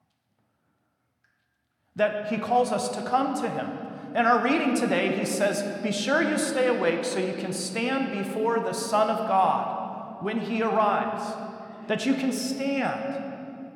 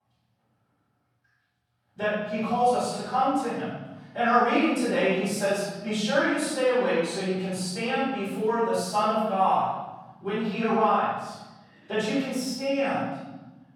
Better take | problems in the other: first | room echo; strong; dies away in 1.2 s; slight in the first // off-mic speech; far

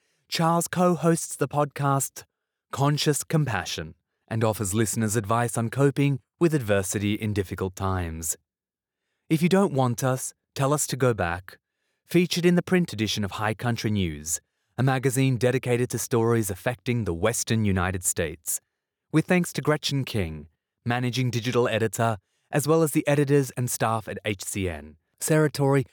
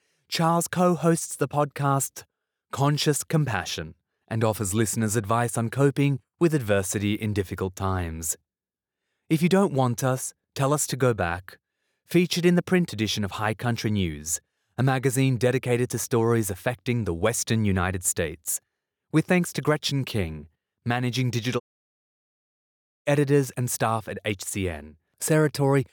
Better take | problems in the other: first | audio cutting out; at 22 s for 1.5 s

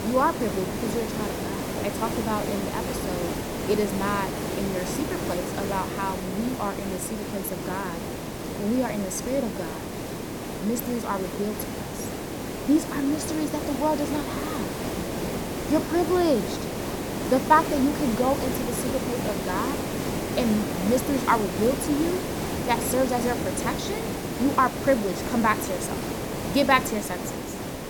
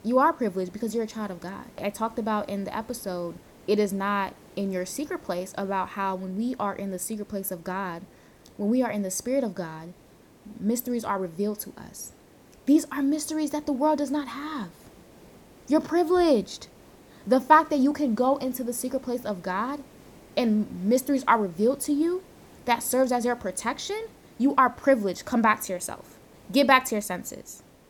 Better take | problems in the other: second | hiss; loud; throughout; 3 dB below the speech; faint in the second

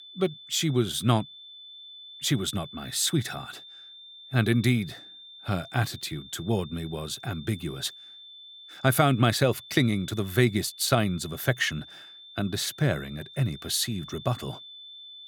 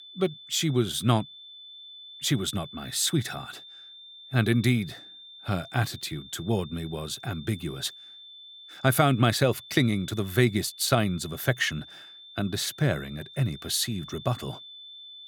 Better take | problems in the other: neither | high-pitched whine; noticeable; throughout; 3.5 kHz, 15 dB below the speech; the same in both

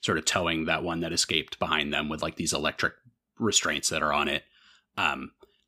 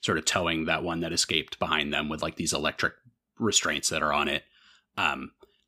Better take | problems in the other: neither | none

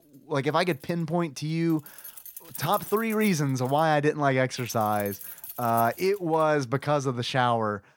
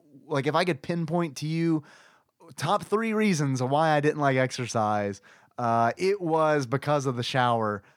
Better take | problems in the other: second | jangling keys; faint; from 0.5 to 6.5 s; peak 10 dB below the speech

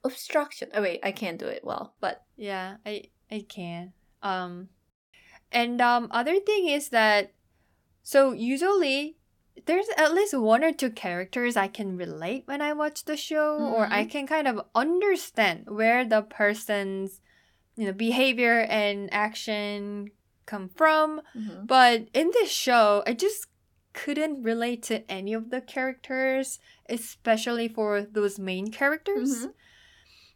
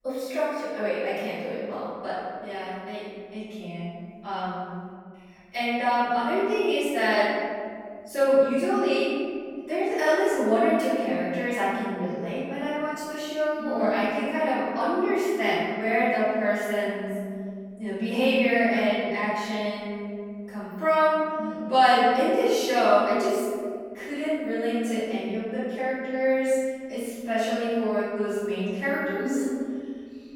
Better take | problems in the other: first | off-mic speech; far // room echo; strong; dies away in 2 s

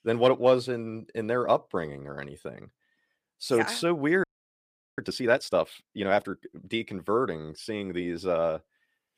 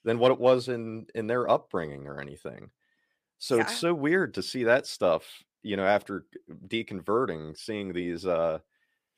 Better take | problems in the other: second | audio freezing; at 4 s for 0.5 s

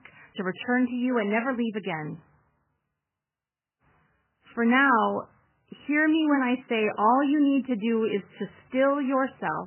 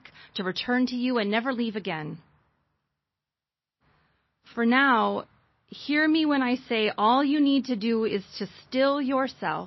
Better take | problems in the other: second | garbled, watery; badly; nothing above 3 kHz; slightly in the second

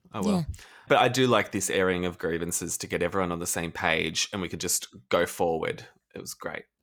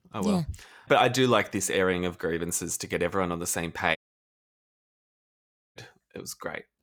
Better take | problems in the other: first | audio cutting out; at 4 s for 2 s

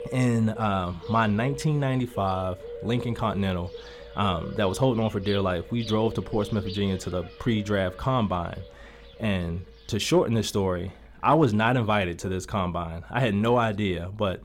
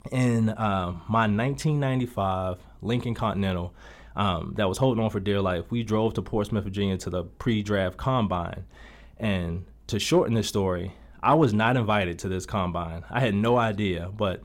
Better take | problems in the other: second | animal sounds; noticeable; throughout; 15 dB below the speech

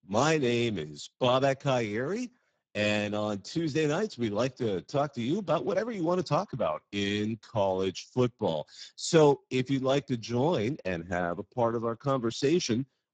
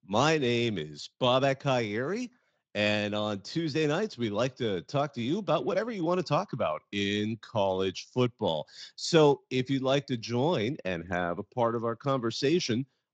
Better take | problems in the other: second | garbled, watery; badly; nothing above 7.5 kHz; slightly in the second

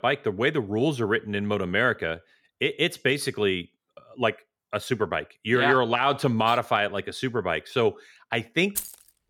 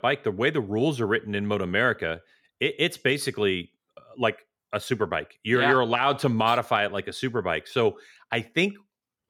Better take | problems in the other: second | jangling keys; noticeable; at 9 s; peak 6 dB below the speech

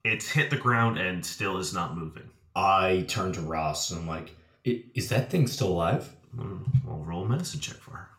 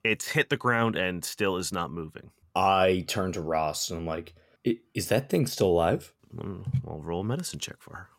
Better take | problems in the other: second | room echo; very slight; dies away in 0.4 s // off-mic speech; somewhat distant

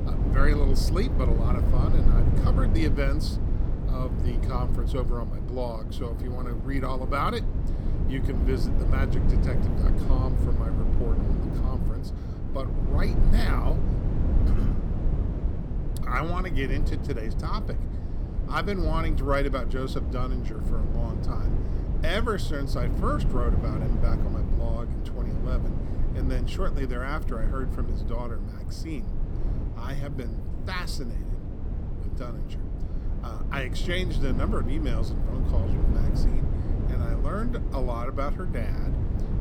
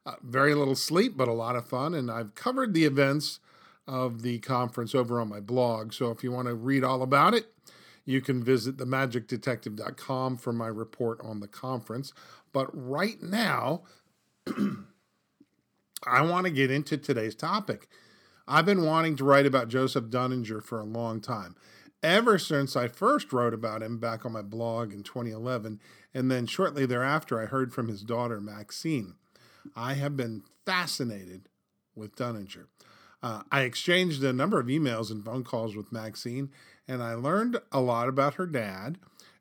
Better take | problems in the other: second | low rumble; loud; throughout; 6 dB below the speech

